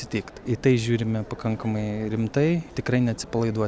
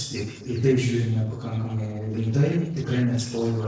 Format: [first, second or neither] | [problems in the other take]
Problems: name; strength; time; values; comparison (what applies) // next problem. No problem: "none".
first | noise reduction (neural separator model SepFormer DNS4)